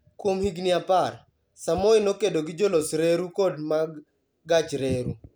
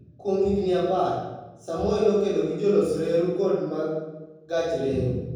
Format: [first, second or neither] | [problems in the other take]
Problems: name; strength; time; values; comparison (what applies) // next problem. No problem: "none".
first | room echo; dies away in 1.3 s